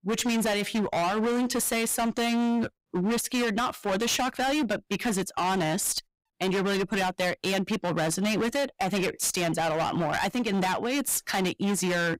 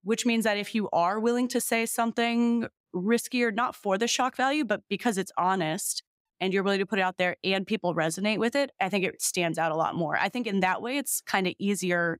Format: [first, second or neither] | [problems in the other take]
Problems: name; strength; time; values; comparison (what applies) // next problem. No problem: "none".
second | distortion; heavy; 32% of the sound clipped